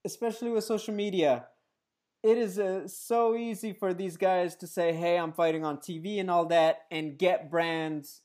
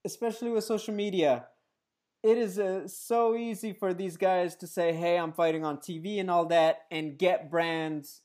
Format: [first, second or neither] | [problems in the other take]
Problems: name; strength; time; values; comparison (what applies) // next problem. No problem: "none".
neither | none